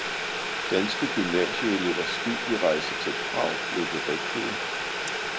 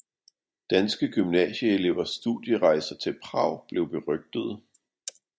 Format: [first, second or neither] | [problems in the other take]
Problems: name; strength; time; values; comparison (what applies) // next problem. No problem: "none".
second | background sound (Boiling); as loud as the speech